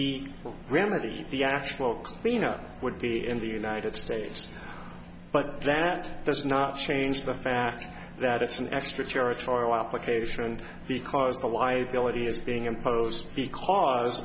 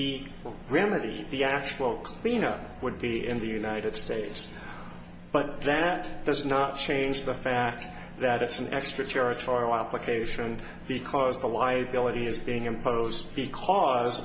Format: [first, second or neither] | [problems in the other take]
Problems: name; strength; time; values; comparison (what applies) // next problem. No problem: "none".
first | room echo; dies away in 0.7 s